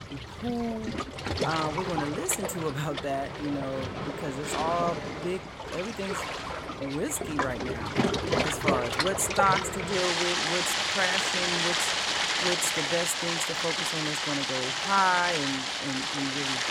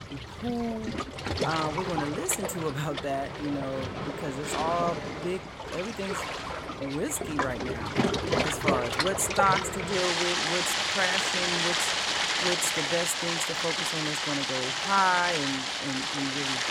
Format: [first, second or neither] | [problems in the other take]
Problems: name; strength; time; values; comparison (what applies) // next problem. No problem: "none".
neither | rain or running water; very loud; throughout; 2 dB above the speech; the same in both